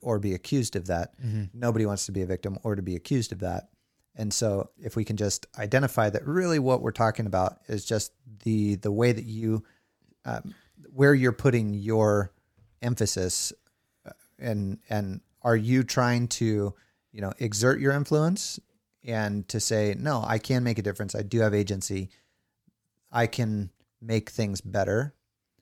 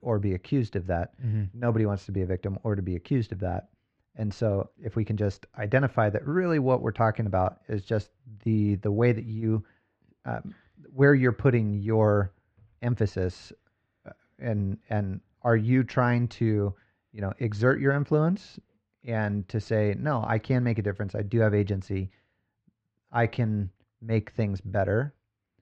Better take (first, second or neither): first